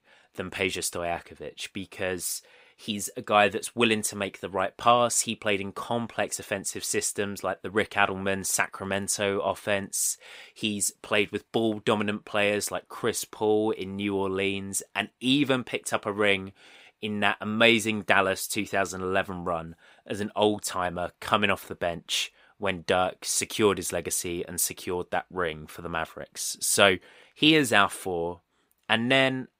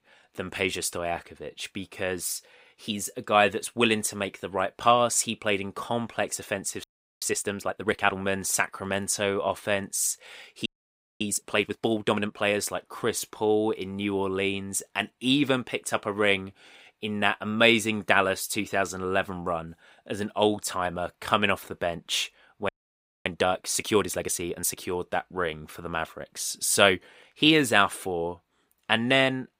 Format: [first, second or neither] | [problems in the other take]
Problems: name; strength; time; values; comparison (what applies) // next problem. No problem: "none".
first | audio freezing; at 7 s, at 11 s for 0.5 s and at 23 s for 0.5 s